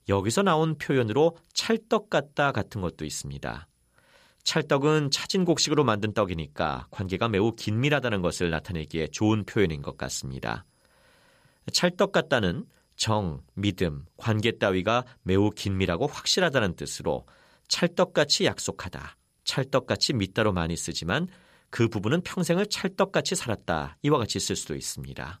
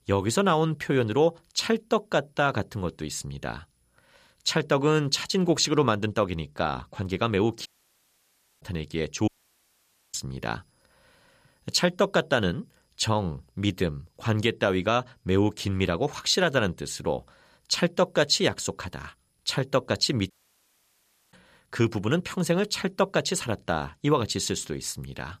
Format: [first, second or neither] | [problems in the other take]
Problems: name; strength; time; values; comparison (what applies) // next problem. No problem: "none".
first | audio cutting out; at 7.5 s for 1 s, at 9.5 s for 1 s and at 20 s for 1 s